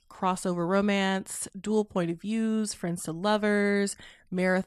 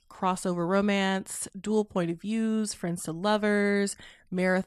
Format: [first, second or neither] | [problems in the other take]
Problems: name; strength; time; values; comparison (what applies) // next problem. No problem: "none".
neither | none